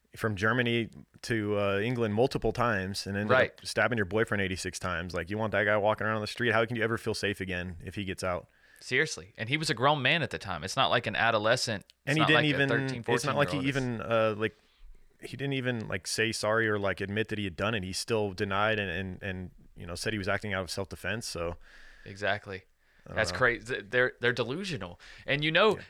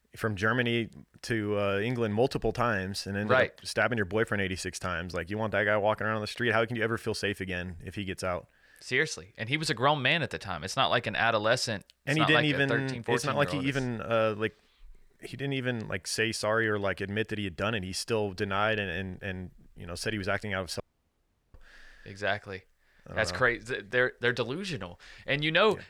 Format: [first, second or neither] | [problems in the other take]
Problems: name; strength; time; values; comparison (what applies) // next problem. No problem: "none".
first | audio cutting out; at 21 s for 0.5 s